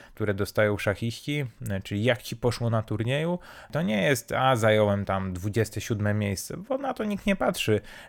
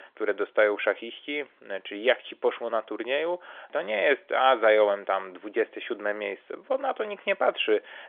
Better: first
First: none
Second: phone-call audio; nothing above 3.5 kHz

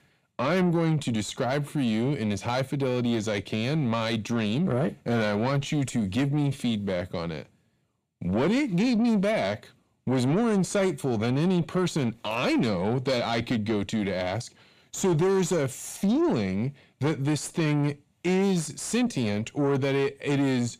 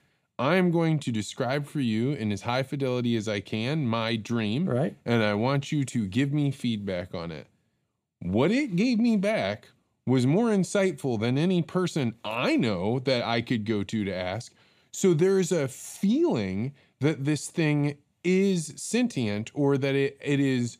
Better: second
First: distortion; slight; 10 dB below the speech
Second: none

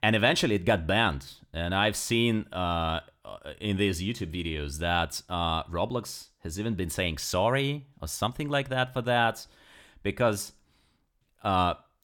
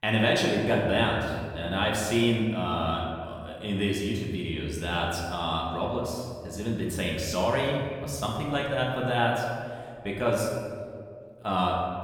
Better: first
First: none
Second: room echo; noticeable; dies away in 1.7 s // off-mic speech; somewhat distant

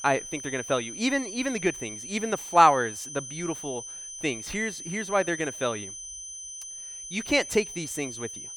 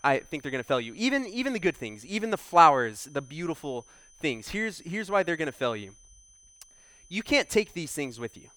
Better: second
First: high-pitched whine; loud; throughout; 6 kHz, 10 dB below the speech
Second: high-pitched whine; faint; throughout; 6 kHz, 25 dB below the speech

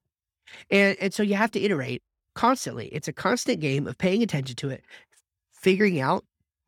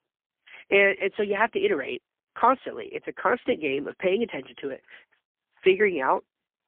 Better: first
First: none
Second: phone-call audio; poor line; nothing above 3 kHz

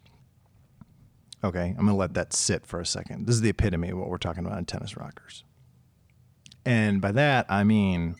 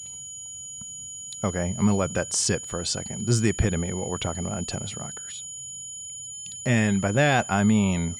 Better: first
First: none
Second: high-pitched whine; loud; throughout; 7 kHz, 10 dB below the speech

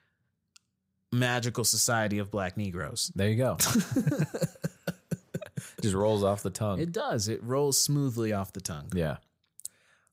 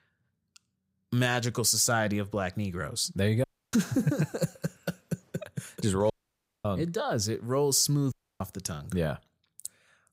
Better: first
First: none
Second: audio cutting out; at 3.5 s, at 6 s for 0.5 s and at 8 s

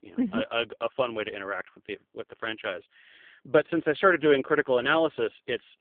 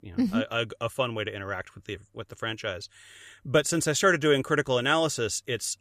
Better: second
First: phone-call audio; poor line; nothing above 3.5 kHz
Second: none

